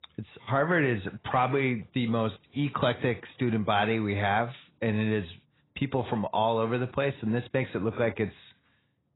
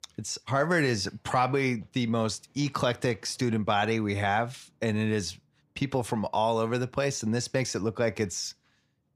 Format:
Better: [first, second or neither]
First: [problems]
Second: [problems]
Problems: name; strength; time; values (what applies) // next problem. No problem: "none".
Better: second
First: garbled, watery; badly; nothing above 4 kHz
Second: none